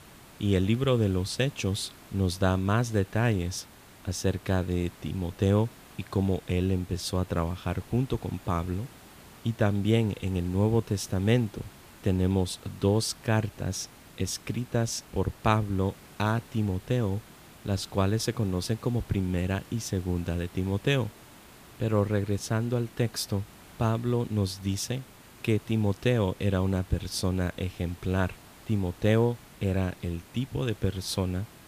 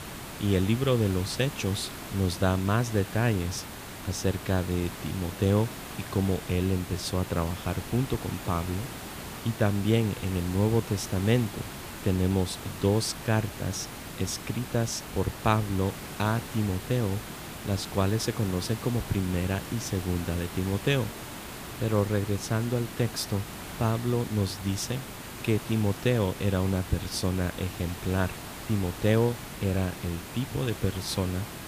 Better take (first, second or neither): first